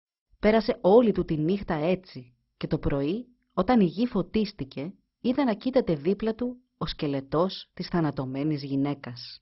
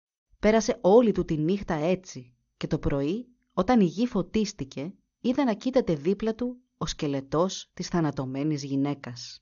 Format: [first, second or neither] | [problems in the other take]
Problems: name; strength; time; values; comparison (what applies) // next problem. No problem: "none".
second | garbled, watery; badly; nothing above 5.5 kHz; slightly in the second